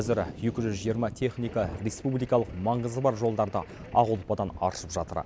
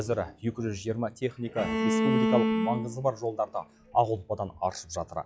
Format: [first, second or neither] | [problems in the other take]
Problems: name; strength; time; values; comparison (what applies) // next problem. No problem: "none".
first | noise reduction (classical method log-MMSE)